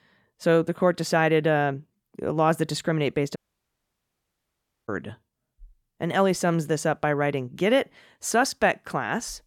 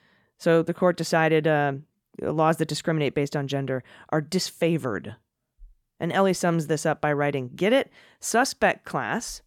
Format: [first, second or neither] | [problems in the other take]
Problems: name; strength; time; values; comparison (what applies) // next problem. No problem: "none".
second | audio cutting out; at 3.5 s for 1.5 s